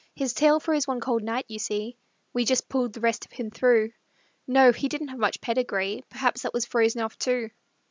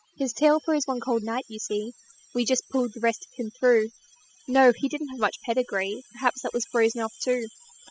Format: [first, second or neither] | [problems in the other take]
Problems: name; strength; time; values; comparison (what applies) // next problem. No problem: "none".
first | noise reduction (classical method spectral subtraction)